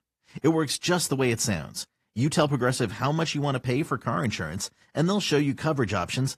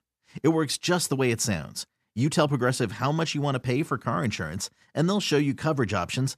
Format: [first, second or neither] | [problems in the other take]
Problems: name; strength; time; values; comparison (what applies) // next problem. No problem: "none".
second | garbled, watery; slightly; nothing above 14.5 kHz